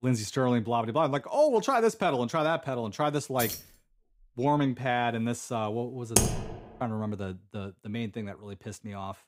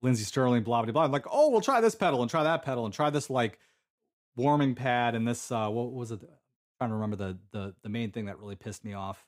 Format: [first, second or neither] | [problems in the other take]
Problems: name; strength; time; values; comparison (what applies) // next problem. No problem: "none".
second | jangling keys; noticeable; at 3.5 s; peak 5 dB below the speech // keyboard typing; loud; at 6 s; peak 4 dB above the speech